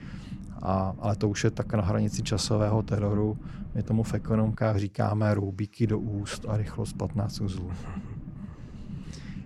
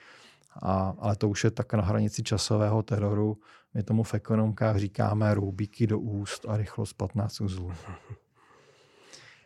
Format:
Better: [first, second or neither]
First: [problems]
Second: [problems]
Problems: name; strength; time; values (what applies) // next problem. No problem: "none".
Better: second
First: low rumble; noticeable; until 4.5 s and from 6 s on; 15 dB below the speech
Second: none